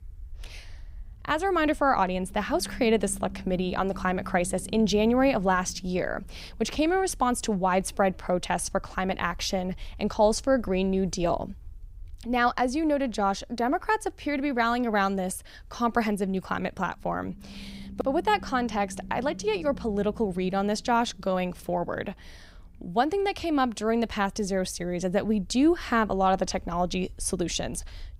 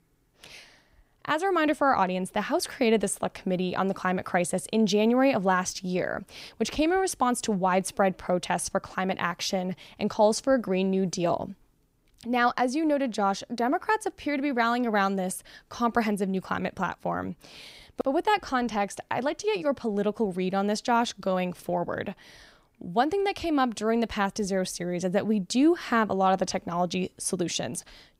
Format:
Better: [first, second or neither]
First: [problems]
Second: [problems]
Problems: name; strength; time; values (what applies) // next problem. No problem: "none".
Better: second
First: low rumble; faint; throughout; 25 dB below the speech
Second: none